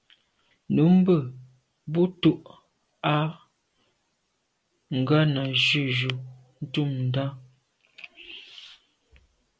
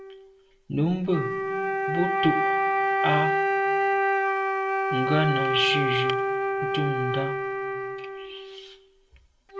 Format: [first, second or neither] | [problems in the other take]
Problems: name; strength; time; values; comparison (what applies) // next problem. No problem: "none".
first | background sound (Wind instrument, woodwind instrument); 4 dB above the speech // room echo; dies away in 0.6 s